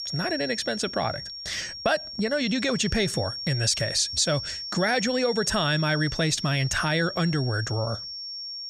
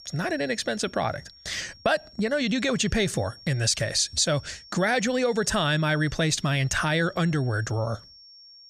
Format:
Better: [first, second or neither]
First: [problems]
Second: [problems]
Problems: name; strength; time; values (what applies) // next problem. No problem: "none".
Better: second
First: high-pitched whine; loud; throughout; 5.5 kHz, 7 dB below the speech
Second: high-pitched whine; faint; throughout; 5.5 kHz, 20 dB below the speech